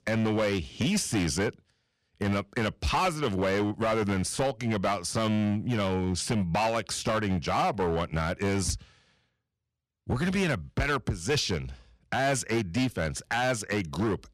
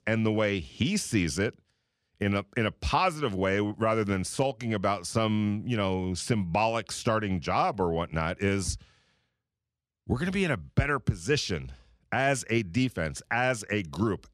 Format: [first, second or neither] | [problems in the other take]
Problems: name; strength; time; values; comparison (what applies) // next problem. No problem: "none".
second | distortion; heavy; 11% of the sound clipped